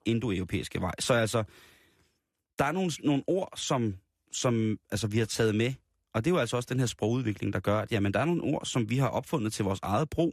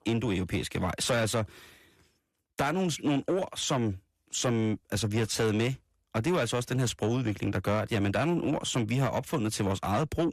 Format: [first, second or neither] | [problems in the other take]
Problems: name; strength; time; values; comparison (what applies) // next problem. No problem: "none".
first | distortion; slight; 10 dB below the speech